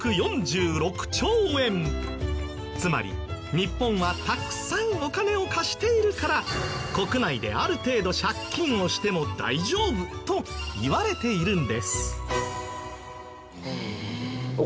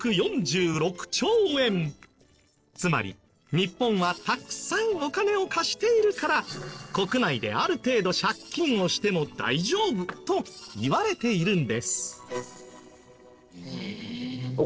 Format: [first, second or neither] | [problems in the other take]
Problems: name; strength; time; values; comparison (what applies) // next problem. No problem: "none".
first | noise reduction (neural separator model SepFormer DNS4)